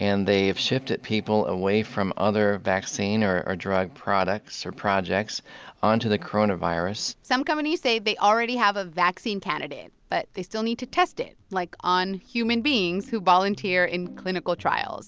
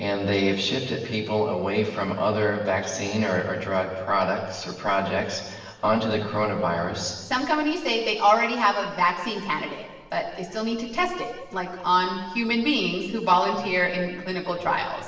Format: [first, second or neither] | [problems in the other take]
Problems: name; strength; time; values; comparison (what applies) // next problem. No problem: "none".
first | room echo; dies away in 1.3 s